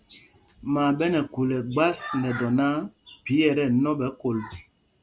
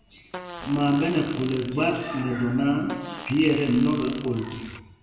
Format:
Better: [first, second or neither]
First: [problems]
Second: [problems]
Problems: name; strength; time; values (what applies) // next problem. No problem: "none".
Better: first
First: none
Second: background sound (Fart); 16 dB below the speech // room echo; dies away in 1.2 s